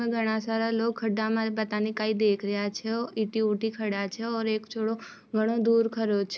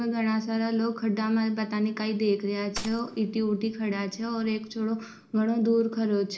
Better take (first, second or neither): first